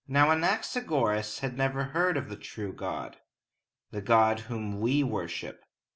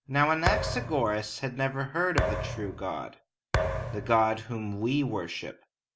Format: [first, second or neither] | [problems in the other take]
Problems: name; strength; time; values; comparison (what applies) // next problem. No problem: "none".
first | background sound (Thump, thud); 3 dB below the speech